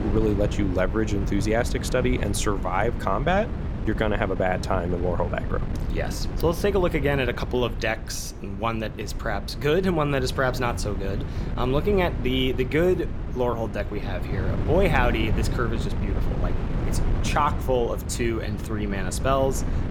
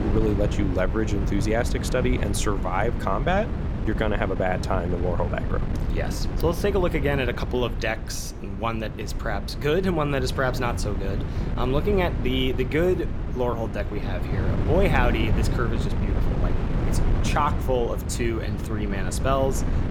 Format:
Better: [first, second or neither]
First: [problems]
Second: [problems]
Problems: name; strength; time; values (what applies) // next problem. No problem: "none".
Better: first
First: wind noise on the microphone; occasional gusts; 10 dB below the speech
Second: wind noise on the microphone; heavy; 9 dB below the speech